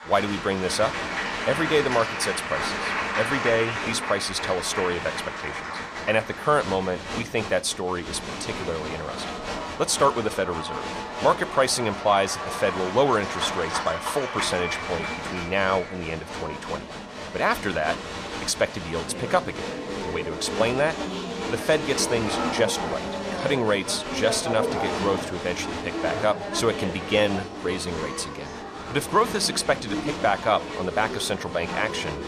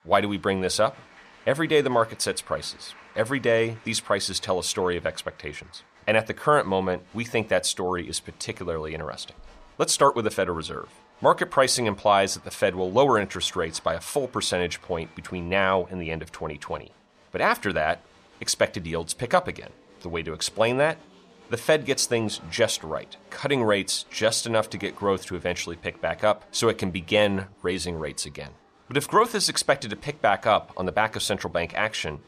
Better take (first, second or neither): second